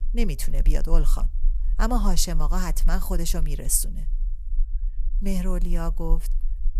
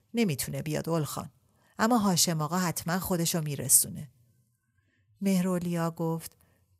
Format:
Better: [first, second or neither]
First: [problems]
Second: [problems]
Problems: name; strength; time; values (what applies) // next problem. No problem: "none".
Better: second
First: low rumble; faint; throughout; 25 dB below the speech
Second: none